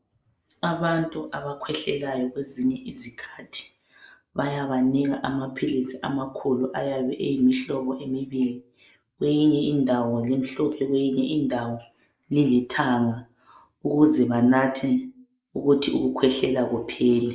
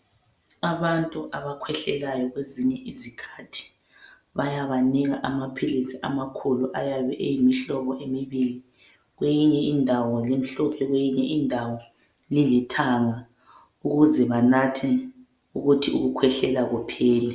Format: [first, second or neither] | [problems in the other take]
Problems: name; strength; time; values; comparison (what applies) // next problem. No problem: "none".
second | noise reduction (neural mask model Resemble Enhance denoiser)